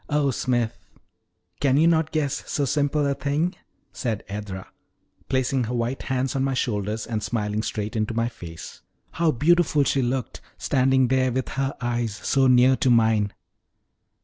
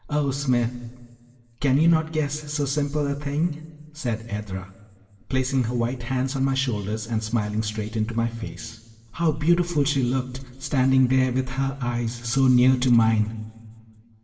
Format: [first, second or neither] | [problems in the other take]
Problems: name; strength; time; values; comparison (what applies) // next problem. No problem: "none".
first | room echo; dies away in 2 s